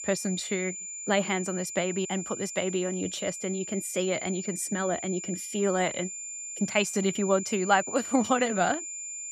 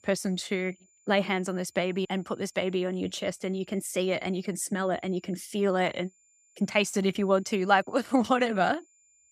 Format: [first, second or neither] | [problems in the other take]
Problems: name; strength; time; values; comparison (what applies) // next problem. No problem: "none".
second | high-pitched whine; loud; throughout; 7 kHz, 7 dB below the speech; faint in the second